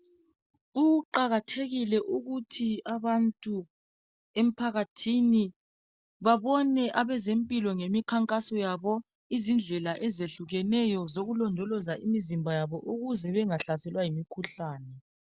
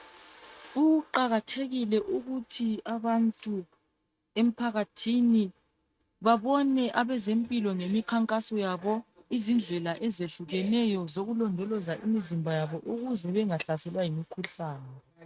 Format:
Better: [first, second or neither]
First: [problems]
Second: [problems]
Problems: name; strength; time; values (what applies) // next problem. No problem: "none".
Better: first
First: none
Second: noise reduction (neural mask model RNNoise)